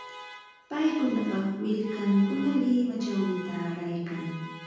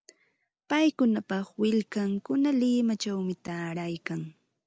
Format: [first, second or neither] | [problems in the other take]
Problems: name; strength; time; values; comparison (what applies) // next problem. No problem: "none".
second | background sound (Alarm); 17 dB below the speech // room echo; dies away in 1.3 s